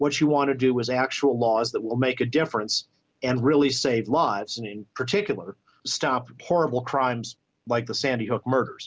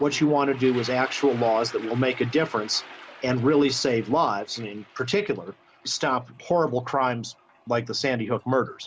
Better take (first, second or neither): first